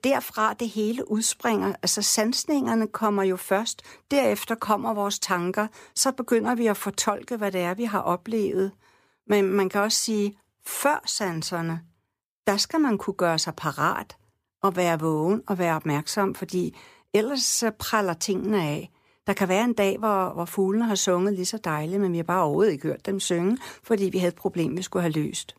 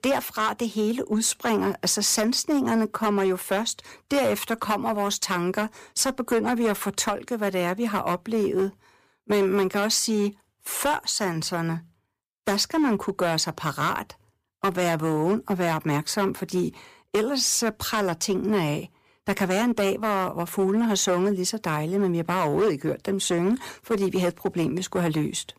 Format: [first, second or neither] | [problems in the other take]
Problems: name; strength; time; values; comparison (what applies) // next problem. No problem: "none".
first | distortion; slight; 7% of the sound clipped